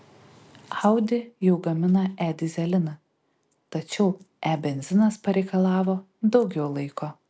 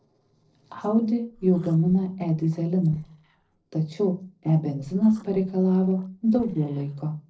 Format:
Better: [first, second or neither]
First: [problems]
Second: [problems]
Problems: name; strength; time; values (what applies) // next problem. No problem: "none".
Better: first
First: none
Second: noise reduction (neural separator model SepFormer DNS4)